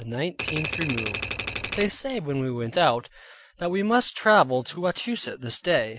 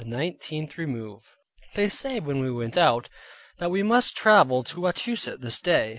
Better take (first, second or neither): second